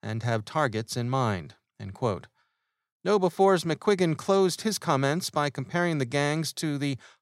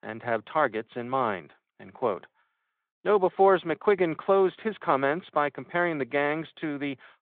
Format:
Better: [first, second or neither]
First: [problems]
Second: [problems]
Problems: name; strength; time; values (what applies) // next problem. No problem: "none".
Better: first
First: none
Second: phone-call audio; nothing above 3.5 kHz